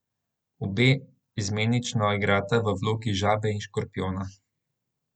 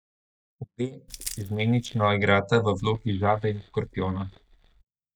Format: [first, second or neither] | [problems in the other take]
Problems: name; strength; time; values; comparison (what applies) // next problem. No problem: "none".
first | noise reduction (neural mask model DeepFilterNet 3)